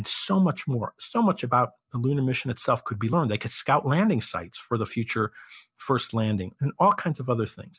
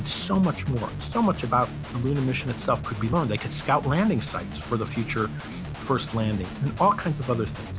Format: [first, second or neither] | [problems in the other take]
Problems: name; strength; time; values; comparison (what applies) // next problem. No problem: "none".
first | background sound (Guitar); 9 dB below the speech